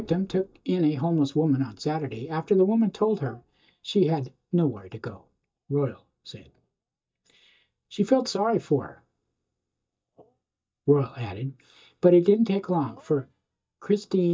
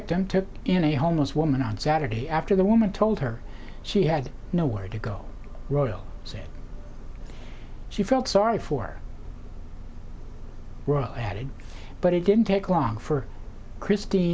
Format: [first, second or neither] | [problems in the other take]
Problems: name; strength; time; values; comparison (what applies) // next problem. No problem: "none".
second | noise reduction (neural mask model DeepFilterNet 3)